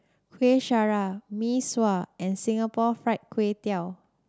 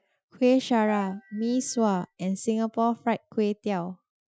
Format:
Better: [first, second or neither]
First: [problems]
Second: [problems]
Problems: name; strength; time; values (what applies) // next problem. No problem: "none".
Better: first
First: none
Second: noise reduction (classical method Wiener filter)